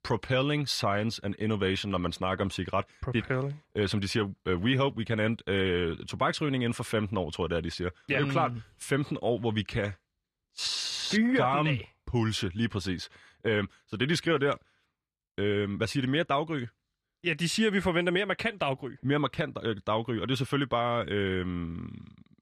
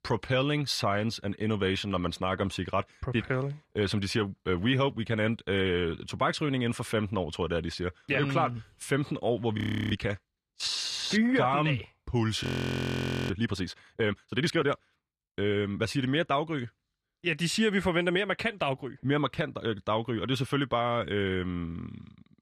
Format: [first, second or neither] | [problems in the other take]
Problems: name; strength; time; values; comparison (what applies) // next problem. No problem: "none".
first | audio freezing; at 9.5 s and at 12 s for 1 s